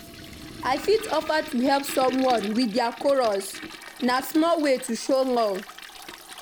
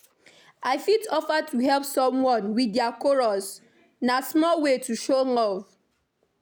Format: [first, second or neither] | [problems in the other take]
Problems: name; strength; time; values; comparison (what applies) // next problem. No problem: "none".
second | background sound (Toilet flush); 15 dB below the speech